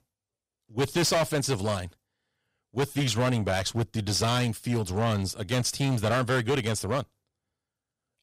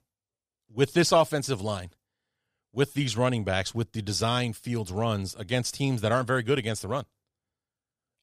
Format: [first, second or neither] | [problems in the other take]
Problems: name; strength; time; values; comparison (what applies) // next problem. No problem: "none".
second | distortion; heavy; 11% of the sound clipped